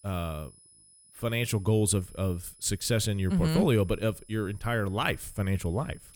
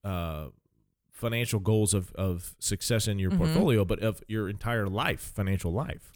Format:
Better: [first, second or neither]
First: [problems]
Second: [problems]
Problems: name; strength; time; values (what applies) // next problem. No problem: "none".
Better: second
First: high-pitched whine; faint; throughout; 10 kHz, 25 dB below the speech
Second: none